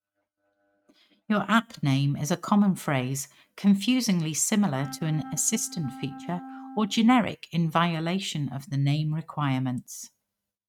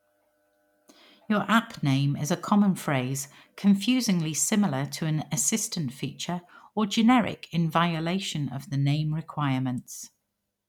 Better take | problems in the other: second | noise reduction (neural mask model RNNoise)

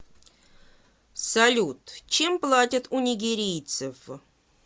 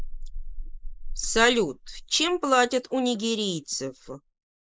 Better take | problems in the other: first | noise reduction (neural mask model Resemble Enhance denoiser)

